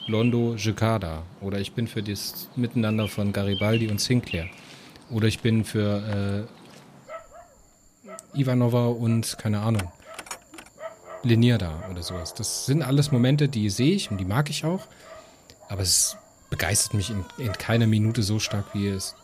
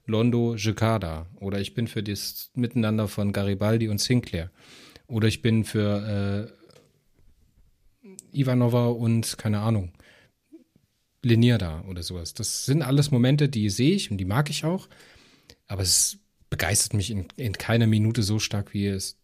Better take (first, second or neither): second